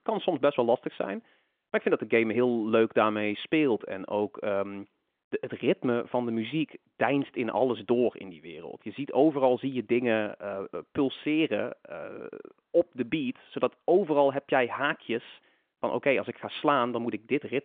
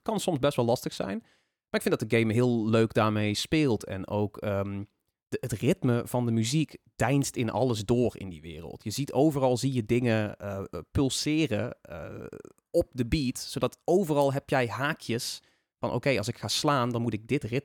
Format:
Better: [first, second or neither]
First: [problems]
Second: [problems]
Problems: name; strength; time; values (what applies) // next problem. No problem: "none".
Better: second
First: phone-call audio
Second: none